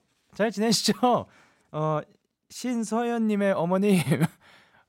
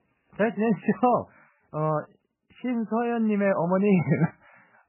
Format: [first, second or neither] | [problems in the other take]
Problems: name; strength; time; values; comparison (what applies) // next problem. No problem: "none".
first | garbled, watery; badly; nothing above 3 kHz